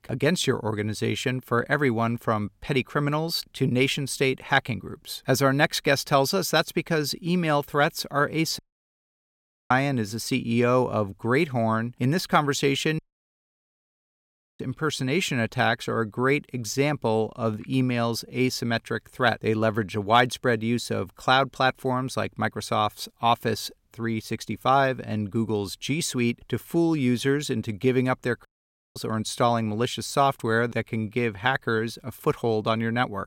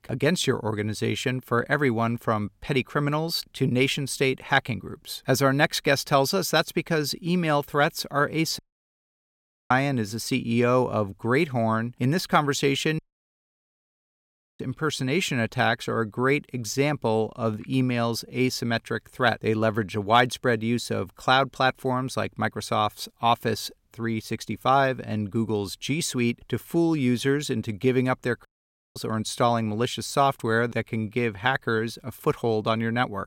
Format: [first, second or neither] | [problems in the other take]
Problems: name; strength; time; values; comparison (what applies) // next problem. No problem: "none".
neither | audio cutting out; at 8.5 s for 1 s, at 13 s for 1.5 s and at 28 s for 0.5 s; the same in both